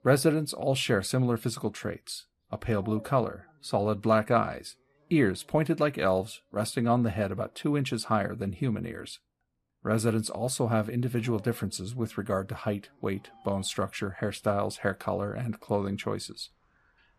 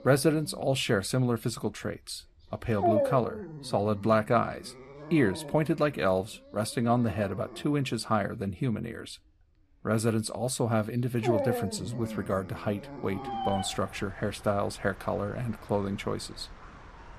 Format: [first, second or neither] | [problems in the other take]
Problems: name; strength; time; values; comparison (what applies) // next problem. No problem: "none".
first | animal sounds; loud; throughout; 7 dB below the speech; faint in the first